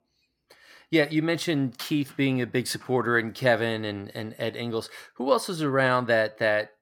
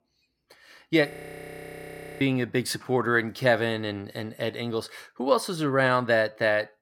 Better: first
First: none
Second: audio freezing; at 1 s for 1 s

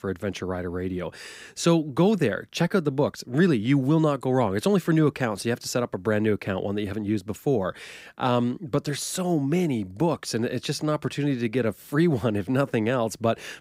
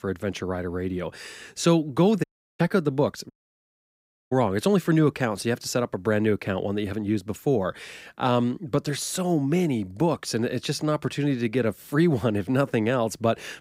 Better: first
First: none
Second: audio cutting out; at 2 s and at 3.5 s for 1 s

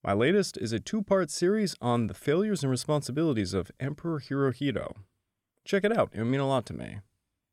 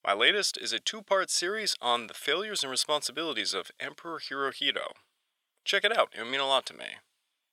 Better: first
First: none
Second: thin; very; fading below 800 Hz

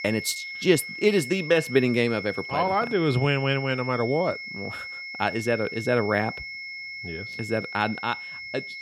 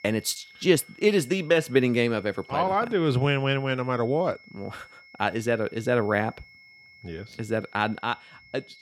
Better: second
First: high-pitched whine; loud; throughout; 2 kHz, 9 dB below the speech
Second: high-pitched whine; faint; throughout; 2 kHz, 25 dB below the speech

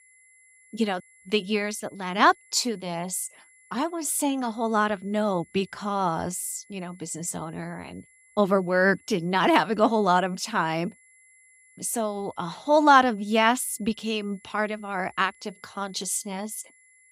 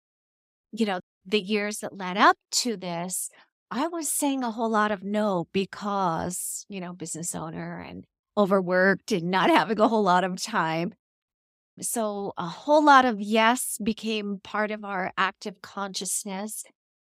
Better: second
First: high-pitched whine; faint; throughout; 2 kHz, 30 dB below the speech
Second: none

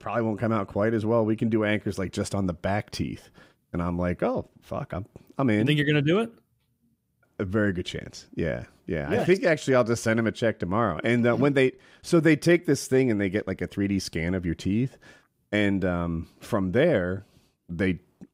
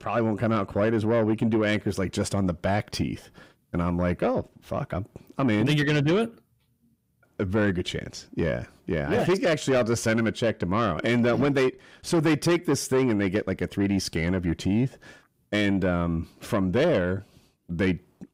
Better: first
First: none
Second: distortion; slight; 10 dB below the speech

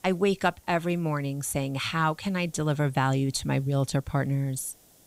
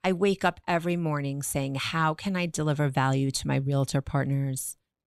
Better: second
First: hiss; faint; throughout; 30 dB below the speech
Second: none

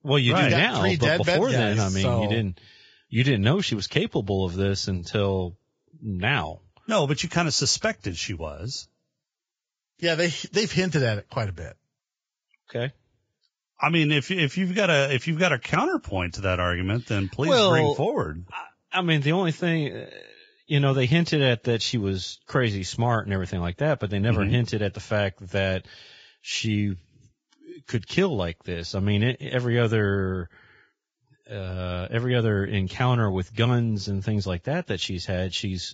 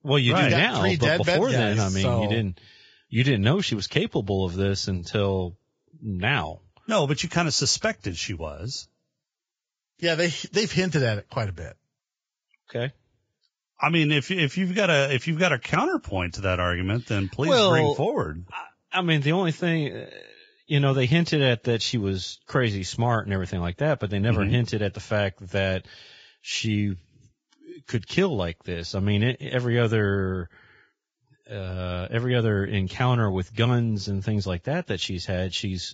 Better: neither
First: garbled, watery; badly; nothing above 7.5 kHz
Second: garbled, watery; badly; nothing above 7.5 kHz

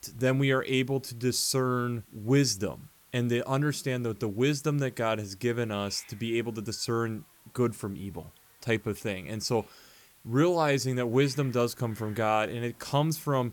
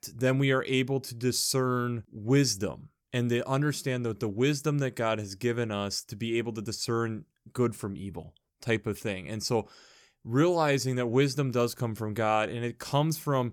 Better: second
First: hiss; faint; throughout; 25 dB below the speech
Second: none

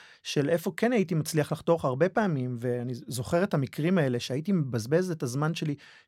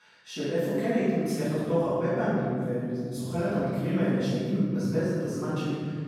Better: first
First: none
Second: off-mic speech; far // room echo; strong; dies away in 2.2 s

